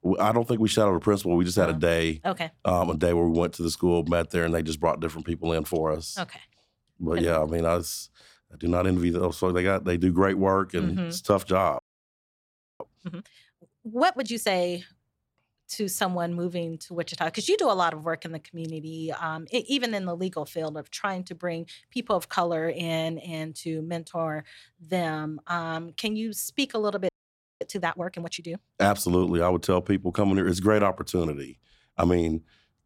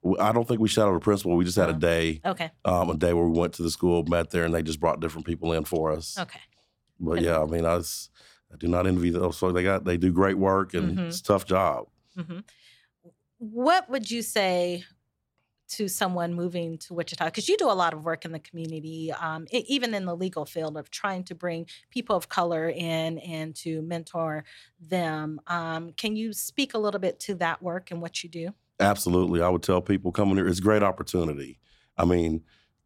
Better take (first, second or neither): second